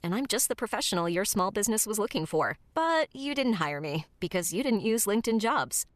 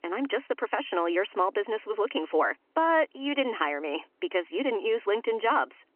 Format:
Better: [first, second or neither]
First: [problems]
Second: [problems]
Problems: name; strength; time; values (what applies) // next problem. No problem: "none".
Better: first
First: none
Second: phone-call audio; nothing above 3 kHz